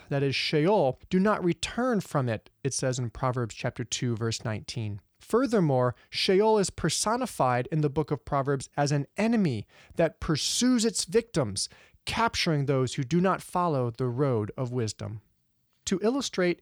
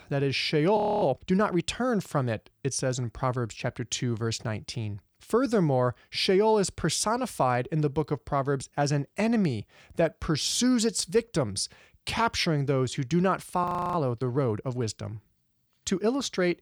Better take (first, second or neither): first